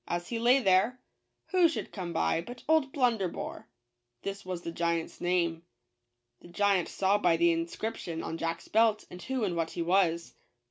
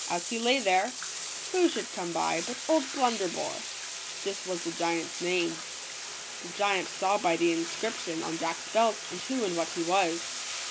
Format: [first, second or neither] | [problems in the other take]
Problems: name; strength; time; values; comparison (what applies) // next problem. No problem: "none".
first | background sound (Bathtub (filling or washing)); 7 dB below the speech